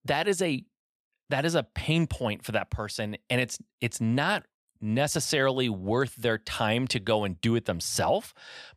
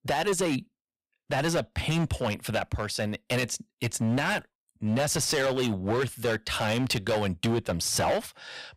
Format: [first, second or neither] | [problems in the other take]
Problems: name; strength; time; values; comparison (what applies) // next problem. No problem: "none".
first | distortion; heavy; 13% of the sound clipped